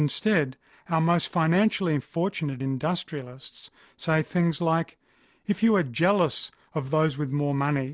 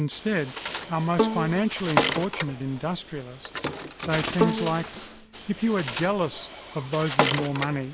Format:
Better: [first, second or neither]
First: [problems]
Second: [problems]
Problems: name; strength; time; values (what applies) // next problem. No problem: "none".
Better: first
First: none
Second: background sound (Bowed string instrument + Bird); 2 dB below the speech